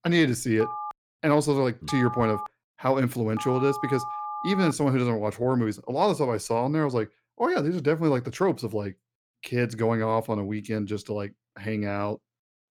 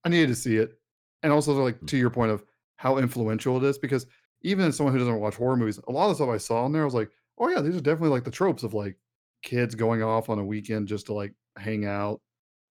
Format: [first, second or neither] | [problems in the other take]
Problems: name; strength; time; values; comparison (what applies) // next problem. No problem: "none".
second | phone ringing; noticeable; from 0.5 to 4.5 s; peak 7 dB below the speech